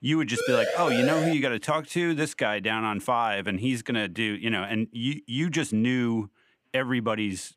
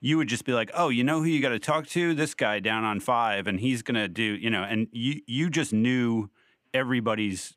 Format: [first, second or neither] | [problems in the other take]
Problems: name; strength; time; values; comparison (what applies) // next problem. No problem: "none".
second | siren; loud; at 0.5 s; peak level with the speech